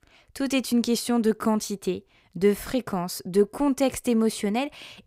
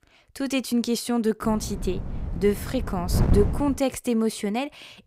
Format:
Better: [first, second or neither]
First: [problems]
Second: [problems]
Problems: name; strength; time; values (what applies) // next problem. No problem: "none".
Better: first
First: none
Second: wind noise on the microphone; occasional gusts; from 1.5 to 4 s; 10 dB below the speech